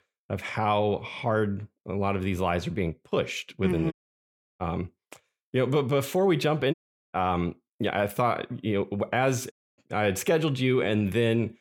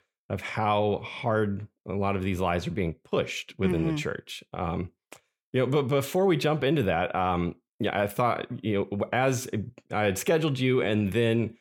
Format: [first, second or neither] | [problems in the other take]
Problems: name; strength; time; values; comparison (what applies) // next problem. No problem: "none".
second | audio cutting out; at 4 s for 0.5 s, at 6.5 s and at 9.5 s